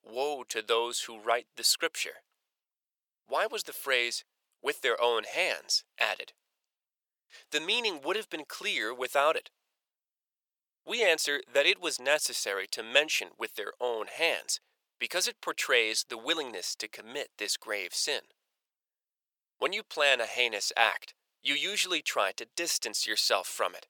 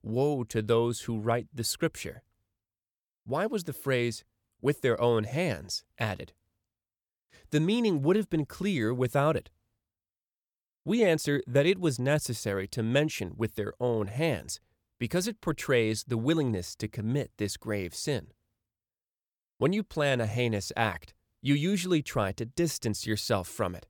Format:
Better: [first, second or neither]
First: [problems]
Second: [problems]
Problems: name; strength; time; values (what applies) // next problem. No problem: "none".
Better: second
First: thin; very; fading below 550 Hz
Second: none